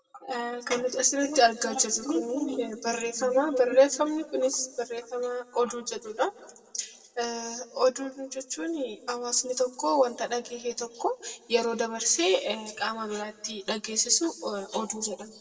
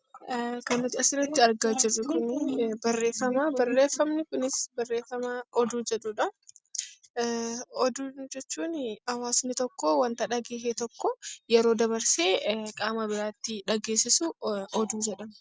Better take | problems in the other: second | room echo; dies away in 1.5 s

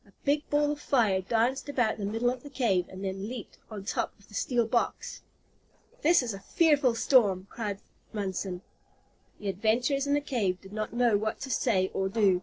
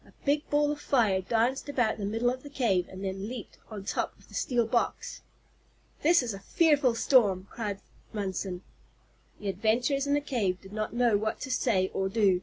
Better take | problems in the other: second | noise reduction (neural separator model SepFormer DNS4)

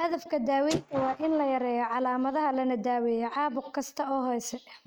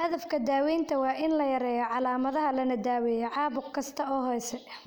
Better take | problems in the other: second | noise reduction (neural mask model RNNoise)

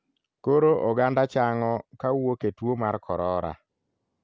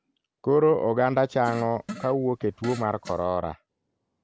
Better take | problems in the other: first | background sound (Fart); 17 dB below the speech

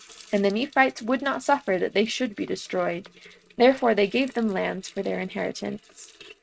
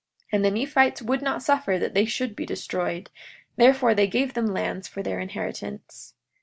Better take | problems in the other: second | noise reduction (neural mask model RNNoise)

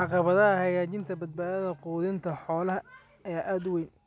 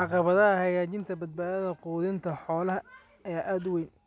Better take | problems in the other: second | background sound (Keyboard (musical)); 20 dB below the speech

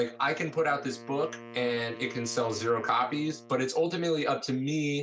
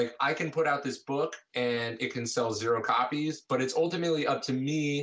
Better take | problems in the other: second | background sound (Wind instrument, woodwind instrument); 17 dB below the speech

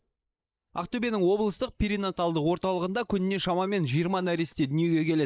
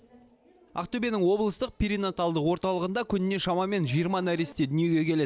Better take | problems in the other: second | noise reduction (neural mask model Resemble Enhance denoiser)

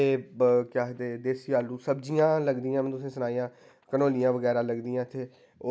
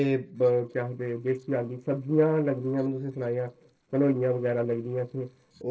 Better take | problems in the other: first | noise reduction (neural separator model SepFormer DNS4)

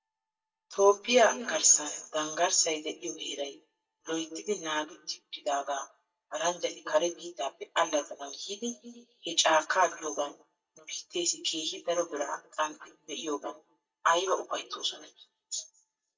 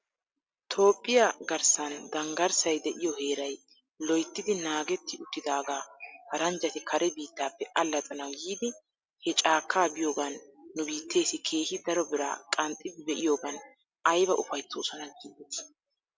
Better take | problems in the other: second | noise reduction (neural mask model DeepFilterNet 3)

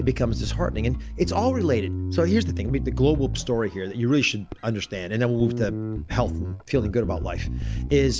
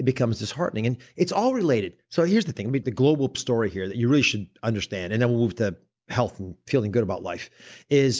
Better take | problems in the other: second | background sound (Bass guitar); 4 dB below the speech

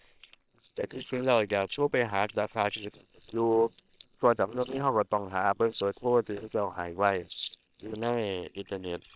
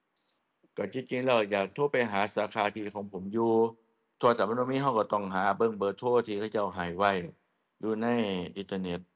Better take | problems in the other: second | noise reduction (neural separator model SepFormer WHAM!)

